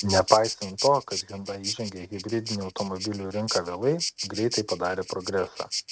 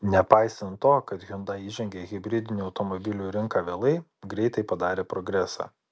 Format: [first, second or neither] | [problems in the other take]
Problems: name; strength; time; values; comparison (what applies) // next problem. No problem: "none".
second | noise reduction (neural mask model RNNoise)